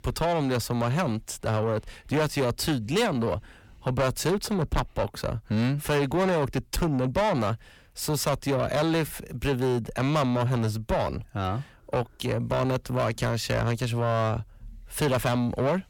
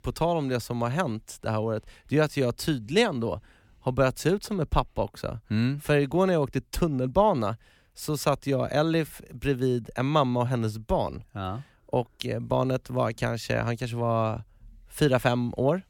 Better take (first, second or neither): second